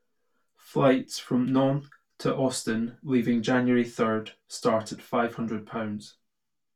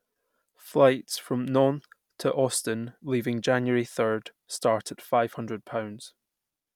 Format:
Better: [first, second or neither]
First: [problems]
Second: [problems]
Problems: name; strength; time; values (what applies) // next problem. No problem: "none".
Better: second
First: room echo; dies away in 0.2 s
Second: none